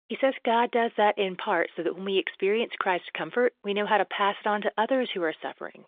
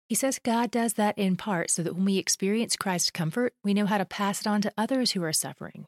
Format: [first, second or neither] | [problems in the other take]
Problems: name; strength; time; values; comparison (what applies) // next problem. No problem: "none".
second | phone-call audio; nothing above 3 kHz